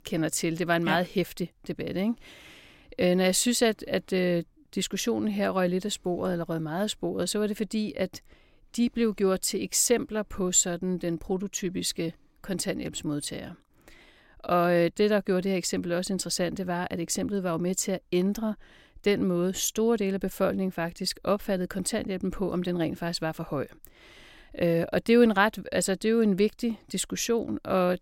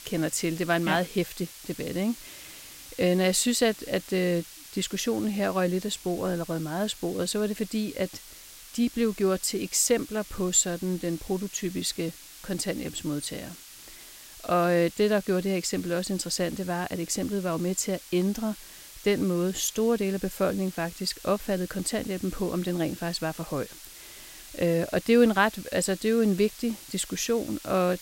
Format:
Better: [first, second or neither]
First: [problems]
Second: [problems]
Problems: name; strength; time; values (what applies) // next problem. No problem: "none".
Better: first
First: none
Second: hiss; noticeable; throughout; 15 dB below the speech